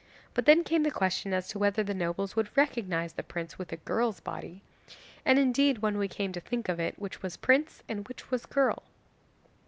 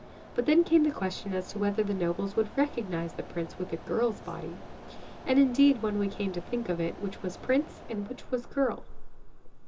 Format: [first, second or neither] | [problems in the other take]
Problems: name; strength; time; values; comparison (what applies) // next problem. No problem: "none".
first | background sound (Mechanisms); 13 dB below the speech // room echo; dies away in 0.2 s